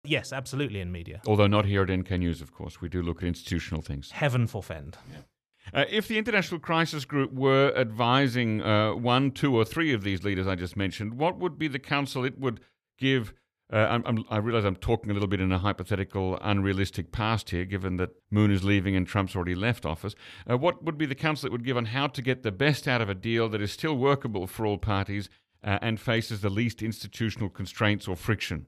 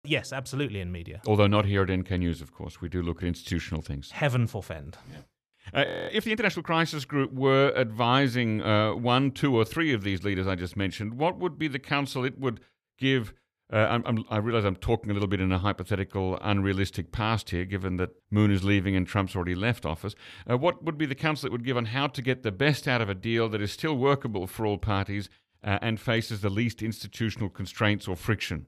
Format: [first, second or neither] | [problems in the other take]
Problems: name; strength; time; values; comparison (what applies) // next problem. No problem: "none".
first | audio freezing; at 6 s